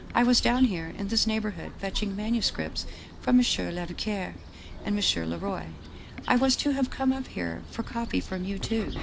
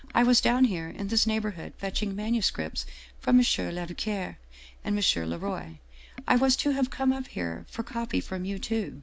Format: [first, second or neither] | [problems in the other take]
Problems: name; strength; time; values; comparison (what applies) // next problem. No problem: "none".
second | background sound (Bird vocalization, bird call, bird song); 14 dB below the speech